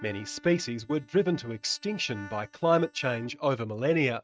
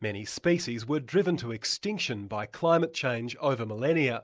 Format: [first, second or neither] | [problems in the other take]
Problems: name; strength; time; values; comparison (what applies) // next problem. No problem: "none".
second | noise reduction (neural mask model RNNoise)